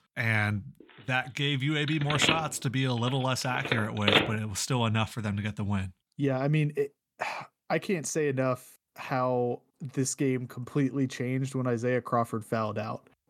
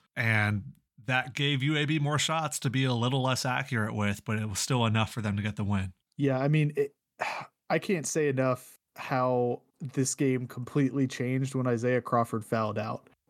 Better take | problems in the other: second | phone ringing; loud; from 2 to 4.5 s; peak 6 dB above the speech

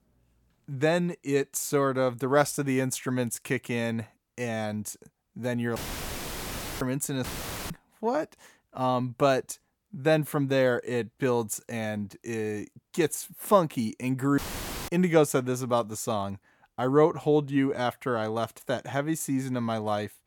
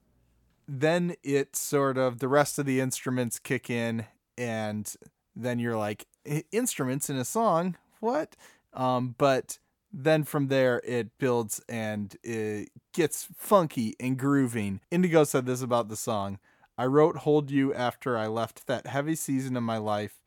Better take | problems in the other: second | audio cutting out; filled with static; at 6 s for 1 s, at 7 s and at 14 s for 0.5 s

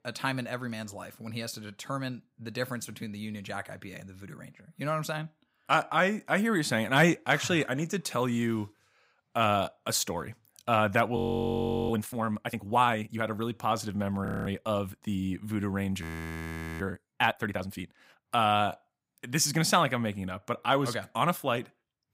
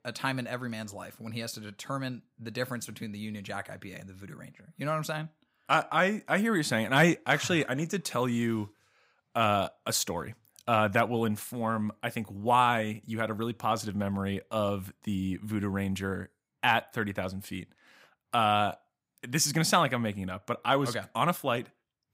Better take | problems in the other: second | audio freezing; at 11 s for 0.5 s, at 14 s and at 16 s for 1 s

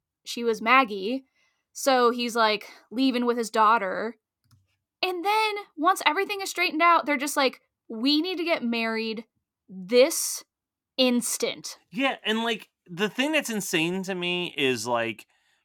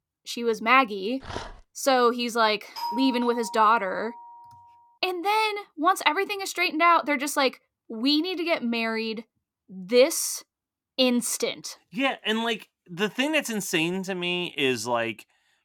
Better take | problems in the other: first | dog barking; faint; at 1 s; peak 15 dB below the speech // doorbell; noticeable; from 3 to 4.5 s; peak 7 dB below the speech

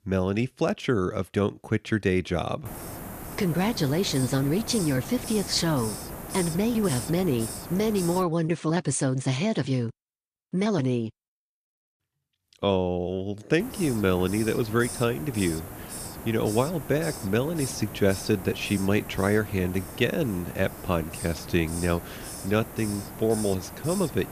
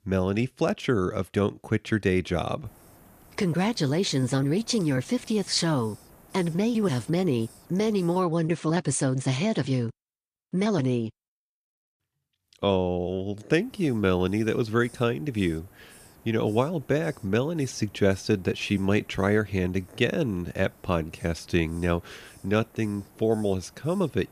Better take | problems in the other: second | hiss; loud; from 2.5 to 8 s and from 14 s on; 10 dB below the speech; faint in the second

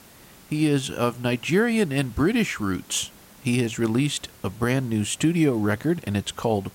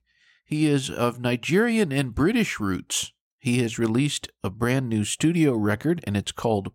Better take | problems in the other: second | hiss; faint; throughout; 25 dB below the speech

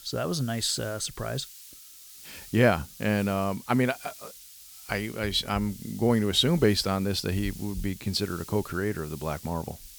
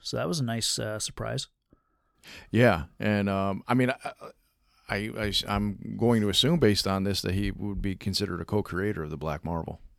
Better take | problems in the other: second | hiss; noticeable; throughout; 15 dB below the speech

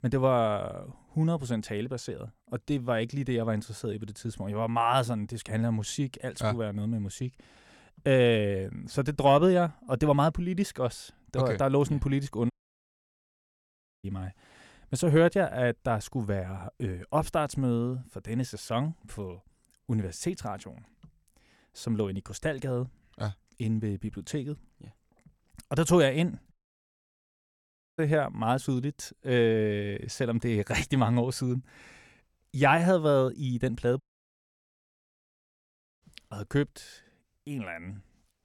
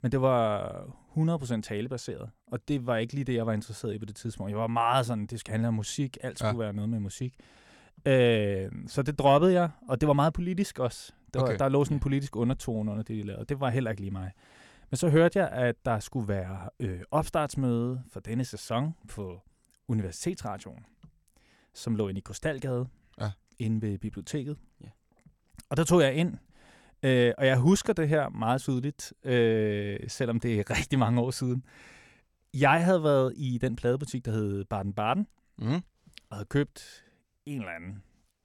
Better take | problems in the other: second | audio cutting out; at 13 s for 1.5 s, at 27 s for 1.5 s and at 34 s for 2 s

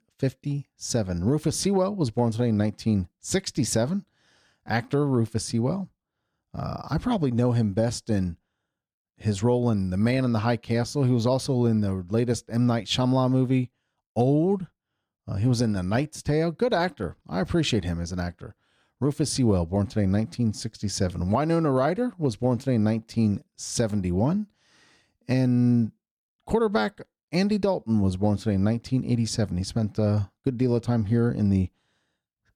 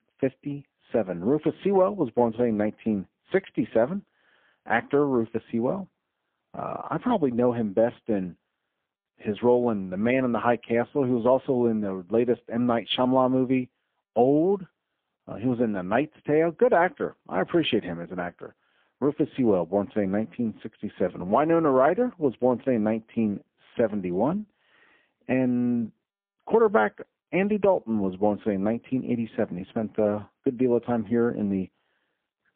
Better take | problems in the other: first | phone-call audio; poor line; nothing above 3.5 kHz

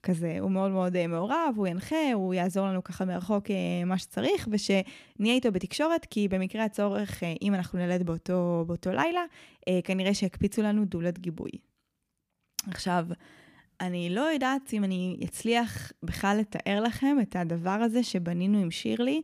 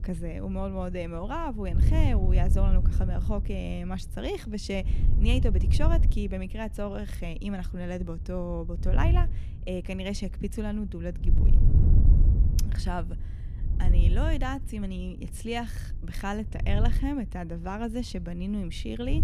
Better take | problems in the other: first | wind noise on the microphone; heavy; 8 dB below the speech

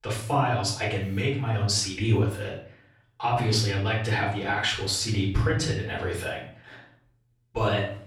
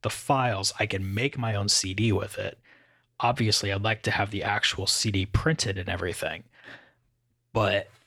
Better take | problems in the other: second | off-mic speech; far // room echo; noticeable; dies away in 0.5 s

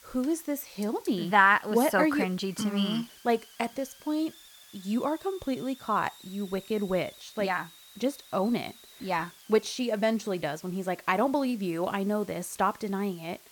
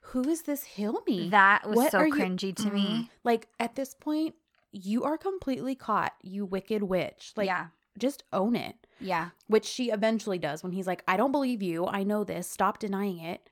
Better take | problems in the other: second | hiss; faint; throughout; 20 dB below the speech

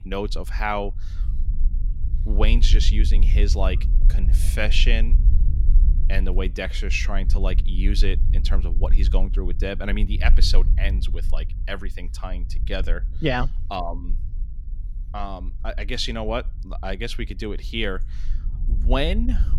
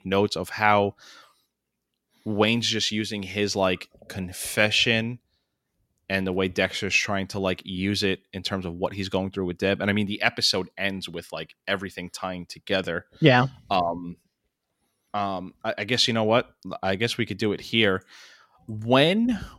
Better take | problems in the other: second | low rumble; noticeable; throughout; 15 dB below the speech

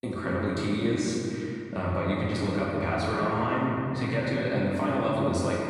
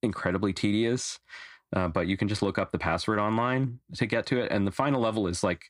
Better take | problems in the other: second | room echo; strong; dies away in 2.6 s // off-mic speech; far

